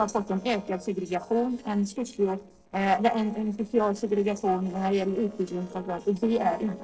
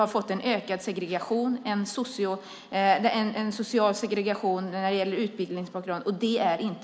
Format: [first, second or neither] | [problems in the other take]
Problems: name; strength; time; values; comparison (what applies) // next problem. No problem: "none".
second | noise reduction (neural separator model SepFormer DNS4)